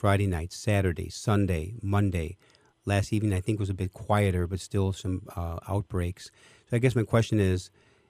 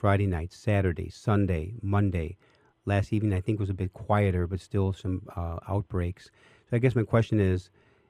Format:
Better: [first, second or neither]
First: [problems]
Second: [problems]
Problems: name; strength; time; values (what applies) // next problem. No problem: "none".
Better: first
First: none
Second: muffled; slightly; fading above 3.5 kHz